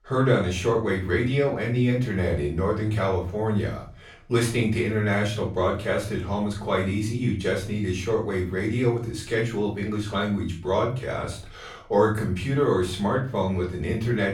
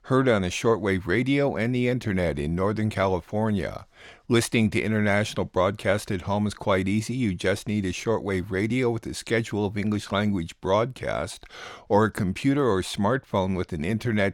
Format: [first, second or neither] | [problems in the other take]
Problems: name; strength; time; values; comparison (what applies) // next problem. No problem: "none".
second | off-mic speech; far // room echo; slight; dies away in 0.4 s